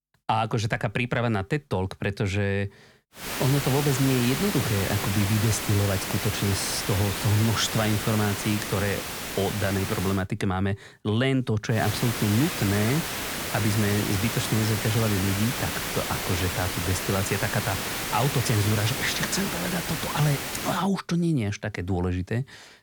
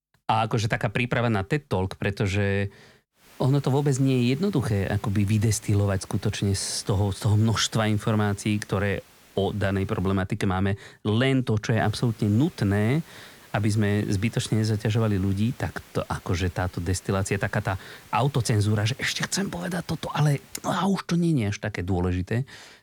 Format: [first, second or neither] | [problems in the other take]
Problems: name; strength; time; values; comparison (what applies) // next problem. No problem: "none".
second | hiss; loud; from 3 to 10 s and from 12 to 21 s; 3 dB below the speech; faint in the second